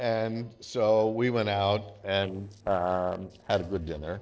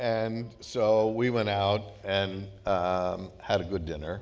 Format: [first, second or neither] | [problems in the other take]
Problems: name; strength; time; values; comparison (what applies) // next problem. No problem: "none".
second | noise reduction (neural separator model SepFormer DNS4)